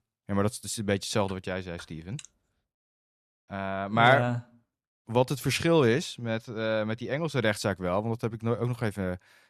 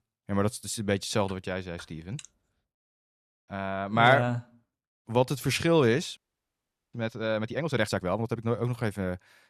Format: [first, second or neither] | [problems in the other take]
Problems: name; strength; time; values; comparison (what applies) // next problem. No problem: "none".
first | audio freezing; at 6 s for 1 s